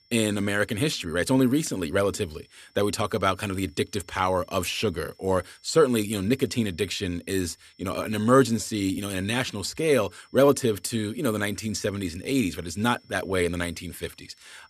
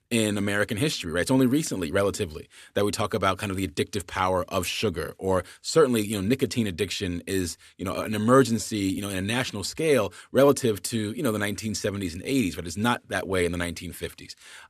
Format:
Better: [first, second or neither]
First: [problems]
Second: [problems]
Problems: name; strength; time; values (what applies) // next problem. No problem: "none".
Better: second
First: high-pitched whine; faint; throughout; 5.5 kHz, 35 dB below the speech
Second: none